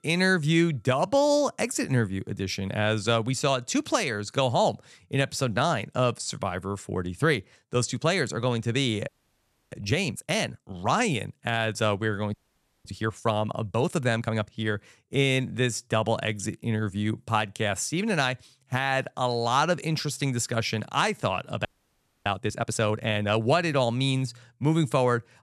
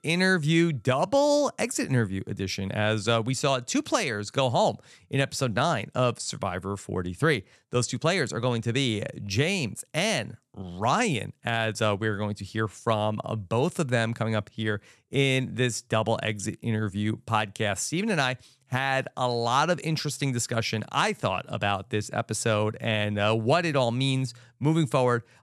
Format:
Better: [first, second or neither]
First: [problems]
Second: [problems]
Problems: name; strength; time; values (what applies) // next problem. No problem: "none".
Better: second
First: audio freezing; at 9 s for 0.5 s, at 12 s for 0.5 s and at 22 s for 0.5 s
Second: none